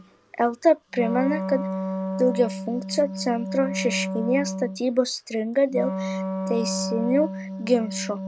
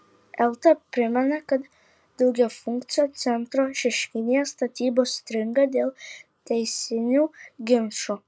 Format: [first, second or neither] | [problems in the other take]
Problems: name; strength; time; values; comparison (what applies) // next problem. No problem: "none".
second | background sound (Wind instrument, woodwind instrument); 6 dB below the speech